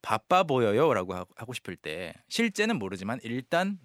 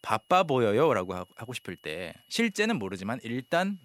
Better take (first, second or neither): first